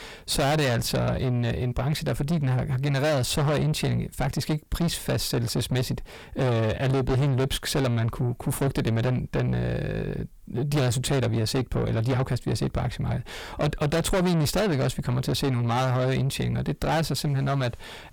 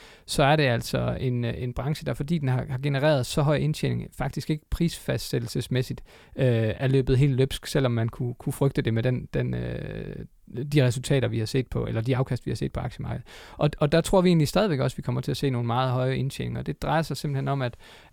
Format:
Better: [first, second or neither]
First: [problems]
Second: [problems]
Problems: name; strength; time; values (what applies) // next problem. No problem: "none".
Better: second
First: distortion; heavy; 6 dB below the speech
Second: none